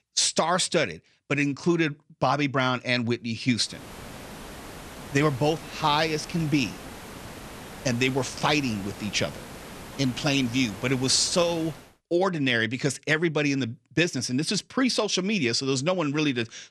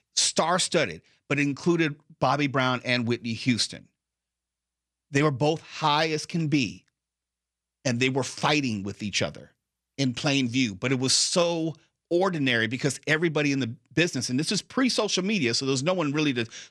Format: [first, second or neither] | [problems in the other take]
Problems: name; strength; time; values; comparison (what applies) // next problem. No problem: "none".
second | hiss; noticeable; from 3.5 to 12 s; 15 dB below the speech